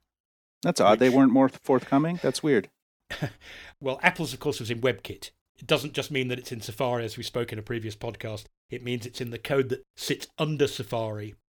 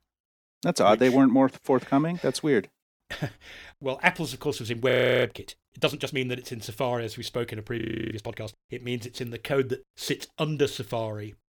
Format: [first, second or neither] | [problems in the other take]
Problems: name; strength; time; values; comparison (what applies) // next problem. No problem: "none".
first | audio freezing; at 5 s and at 8 s